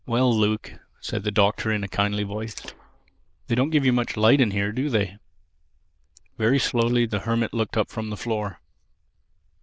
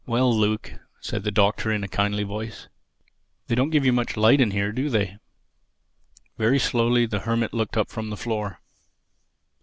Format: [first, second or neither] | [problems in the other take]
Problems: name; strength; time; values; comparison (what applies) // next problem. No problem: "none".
second | noise reduction (neural diffusion model UNIVERSE++)